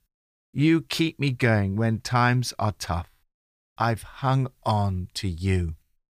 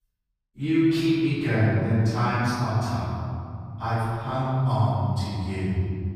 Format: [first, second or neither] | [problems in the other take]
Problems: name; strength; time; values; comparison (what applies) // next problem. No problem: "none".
first | off-mic speech; far // room echo; strong; dies away in 3 s